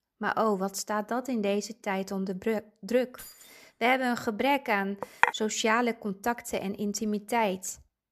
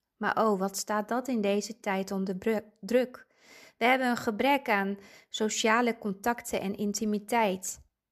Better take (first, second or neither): second